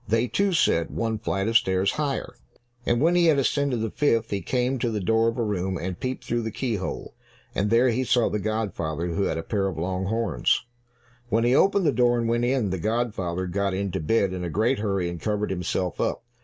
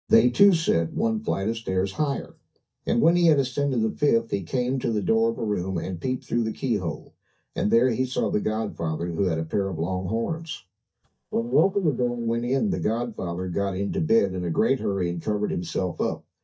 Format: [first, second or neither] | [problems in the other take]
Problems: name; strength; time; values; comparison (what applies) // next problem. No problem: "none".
first | noise reduction (neural mask model DeepFilterNet 3)